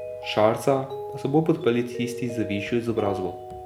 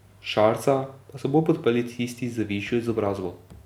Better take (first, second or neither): second